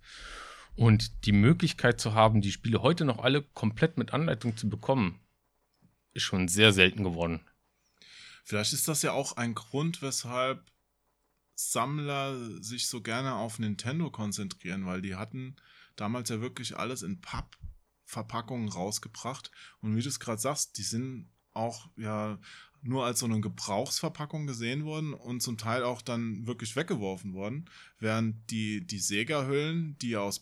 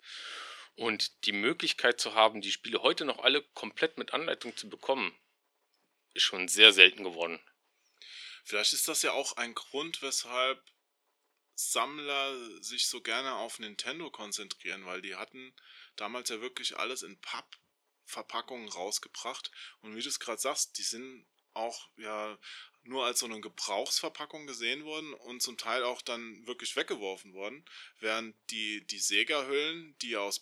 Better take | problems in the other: first | thin; very; fading below 350 Hz

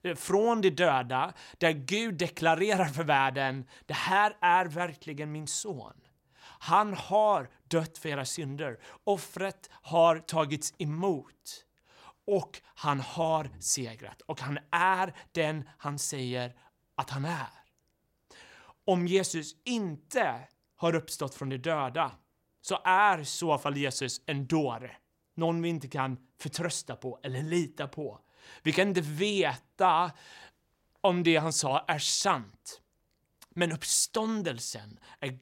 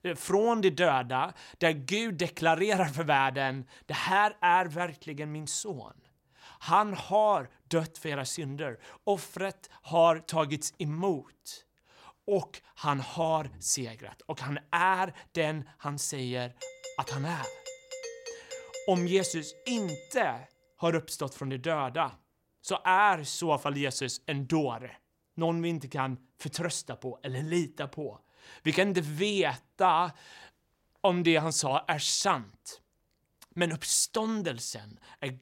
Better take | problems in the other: first | doorbell; faint; from 17 to 20 s; peak 10 dB below the speech

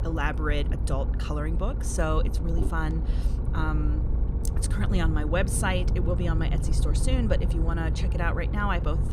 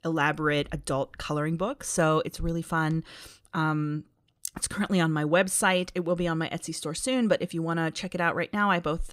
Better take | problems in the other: second | low rumble; loud; throughout; 9 dB below the speech

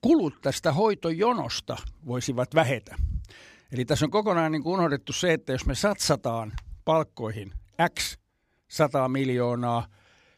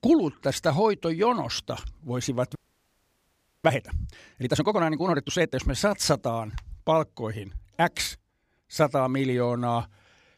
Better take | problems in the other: first | audio freezing; at 2.5 s for 1 s

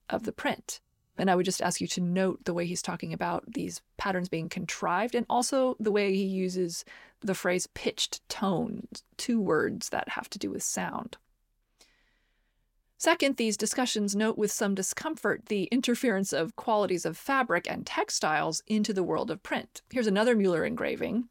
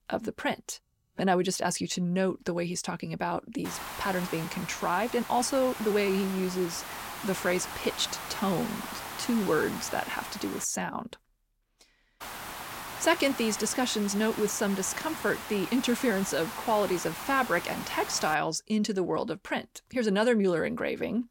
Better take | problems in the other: first | hiss; loud; from 3.5 to 11 s and from 12 to 18 s; 9 dB below the speech

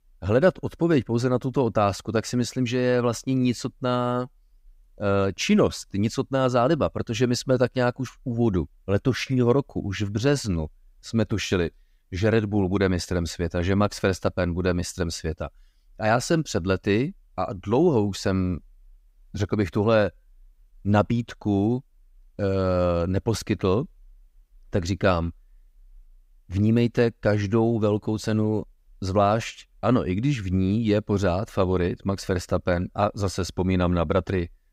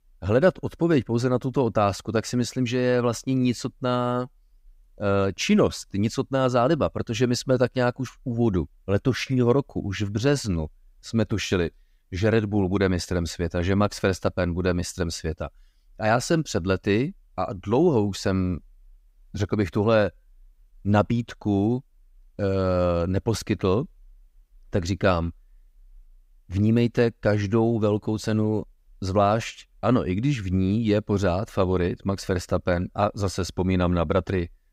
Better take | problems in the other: neither | none

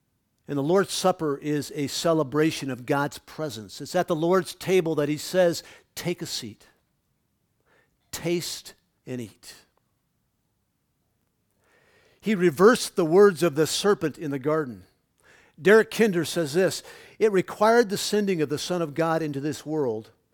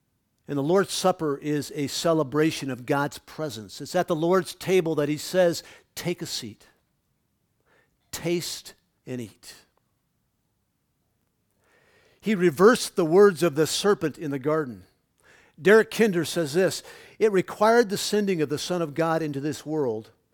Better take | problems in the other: neither | none

